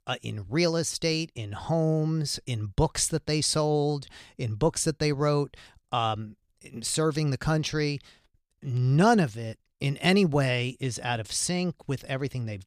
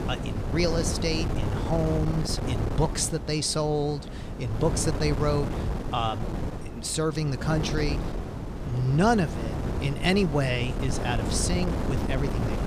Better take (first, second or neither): first